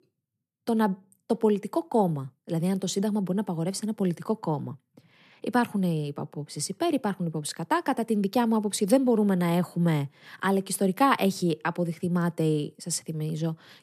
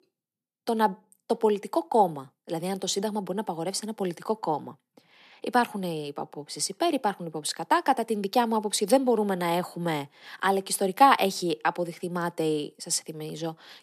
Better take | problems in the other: first | thin; somewhat; fading below 300 Hz

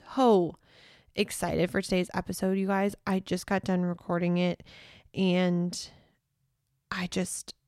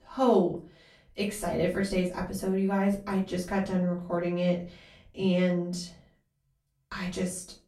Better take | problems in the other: first | off-mic speech; far // room echo; slight; dies away in 0.3 s

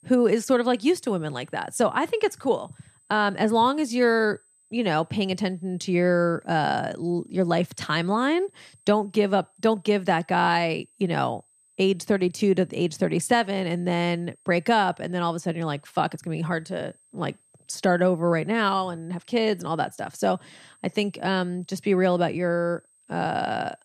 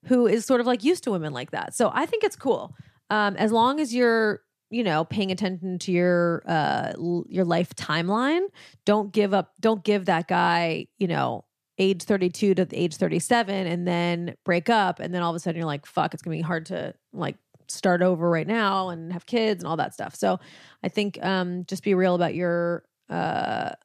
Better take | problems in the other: second | high-pitched whine; faint; throughout; 8 kHz, 35 dB below the speech

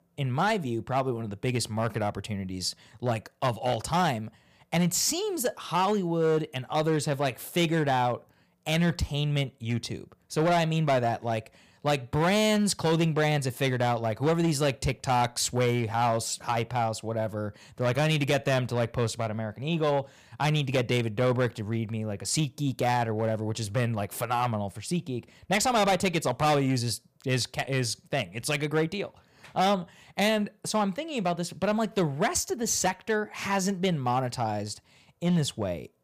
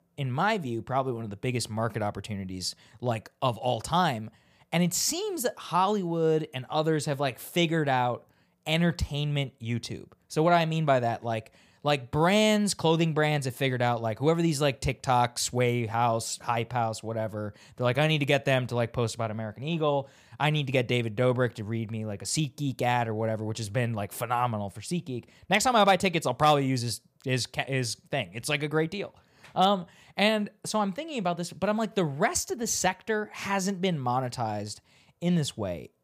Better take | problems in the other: second | distortion; slight; 6% of the sound clipped

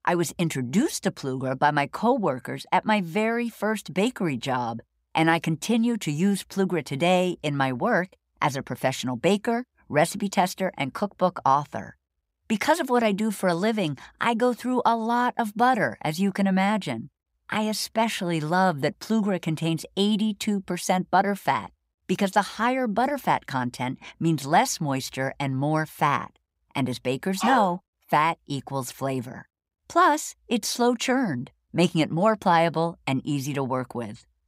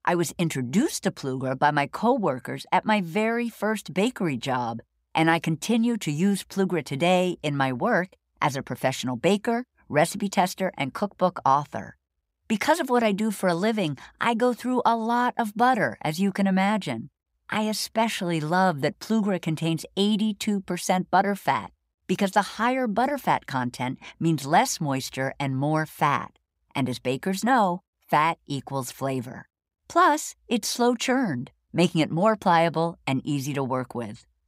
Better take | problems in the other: second | dog barking; noticeable; at 27 s; peak 4 dB below the speech

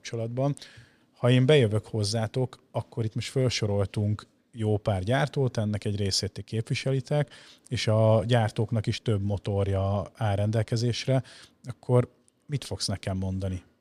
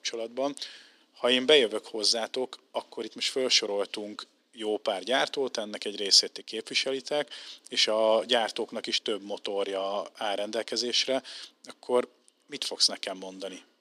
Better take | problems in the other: first | thin; very; fading below 250 Hz

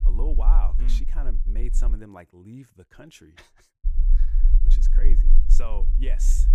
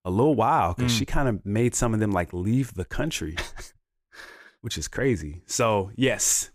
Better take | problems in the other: second | low rumble; loud; until 2 s and from 4 s on; 8 dB below the speech

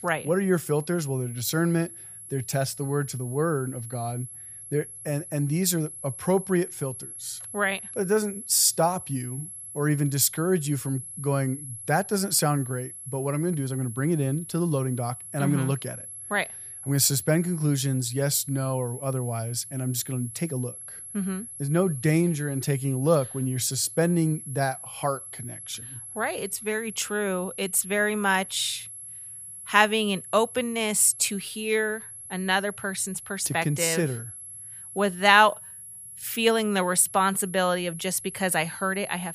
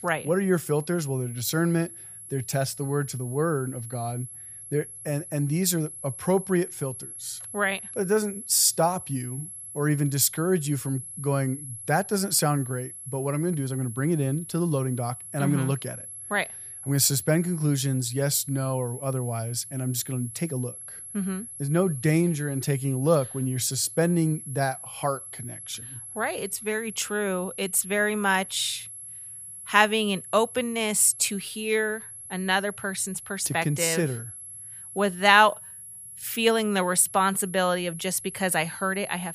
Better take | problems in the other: neither | high-pitched whine; noticeable; throughout; 11 kHz, 10 dB below the speech; the same in both

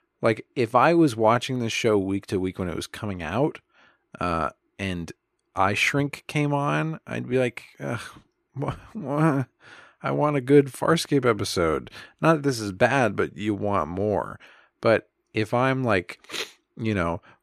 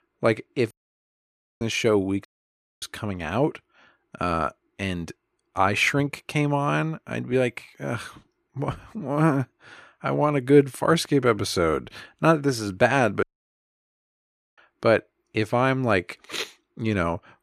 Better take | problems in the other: first | audio cutting out; at 0.5 s for 1 s, at 2.5 s for 0.5 s and at 13 s for 1.5 s

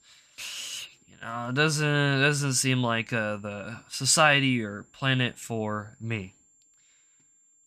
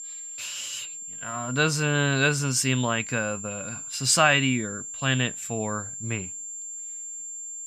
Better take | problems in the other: first | high-pitched whine; loud; throughout; 7.5 kHz, 9 dB below the speech; faint in the first

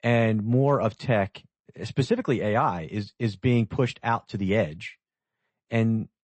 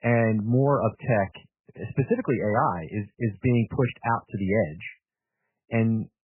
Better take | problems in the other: first | garbled, watery; badly; nothing above 2.5 kHz; slightly in the first

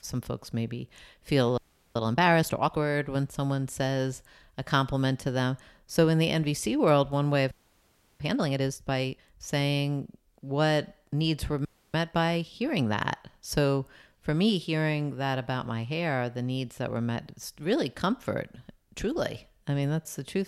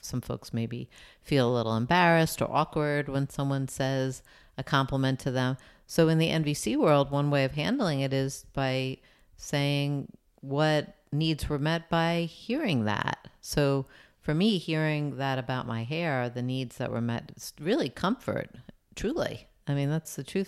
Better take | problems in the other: second | audio freezing; at 1.5 s, at 7.5 s for 0.5 s and at 12 s

